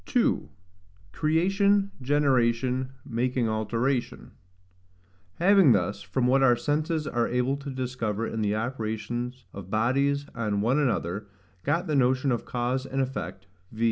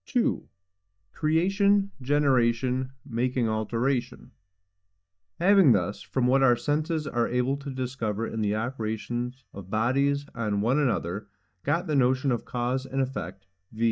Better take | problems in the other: first | noise reduction (neural mask model DeepFilterNet 3)

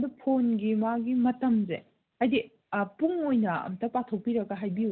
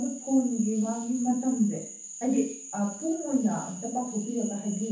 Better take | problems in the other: first | background sound (Frog); 13 dB below the speech // room echo; dies away in 0.7 s

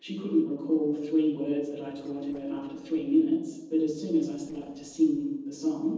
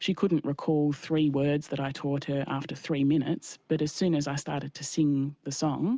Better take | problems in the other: second | noise reduction (neural separator model SepFormer DNS4)

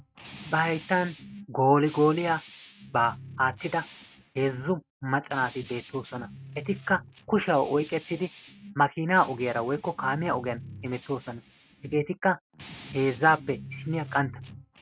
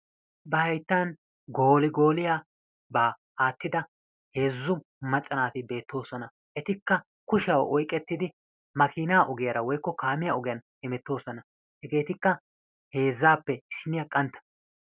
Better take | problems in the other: second | noise reduction (neural mask model RNNoise)

